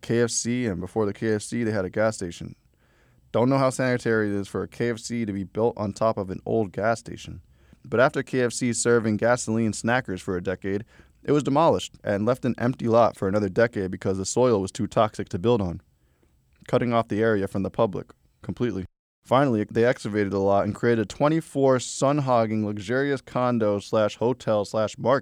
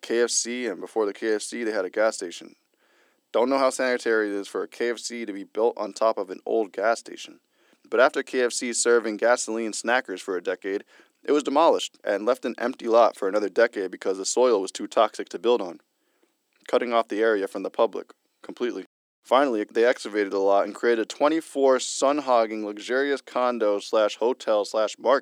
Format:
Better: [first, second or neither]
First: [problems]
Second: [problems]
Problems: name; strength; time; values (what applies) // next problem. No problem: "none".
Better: first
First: none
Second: thin; somewhat; fading below 300 Hz